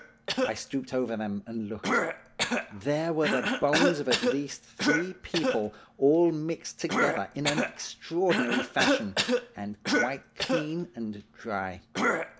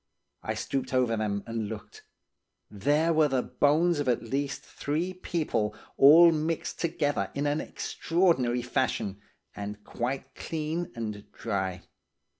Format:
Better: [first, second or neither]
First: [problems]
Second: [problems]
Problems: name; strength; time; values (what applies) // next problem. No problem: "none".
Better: second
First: background sound (Cough); as loud as the speech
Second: none